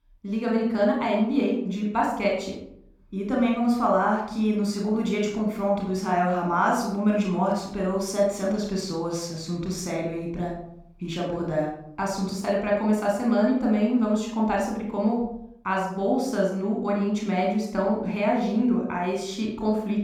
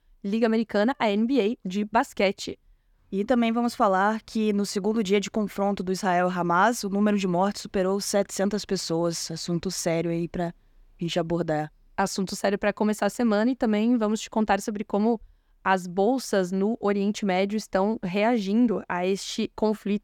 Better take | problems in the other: second | off-mic speech; somewhat distant // room echo; noticeable; dies away in 0.6 s

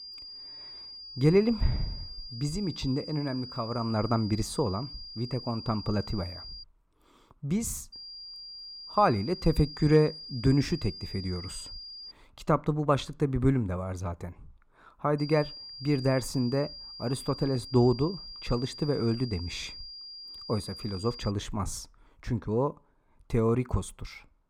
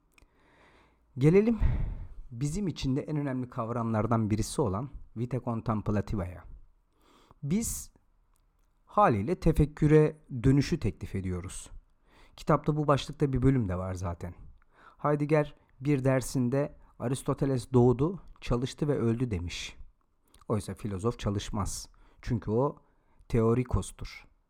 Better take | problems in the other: second | high-pitched whine; noticeable; until 6.5 s, from 8 to 12 s and from 15 to 21 s; 5 kHz, 10 dB below the speech

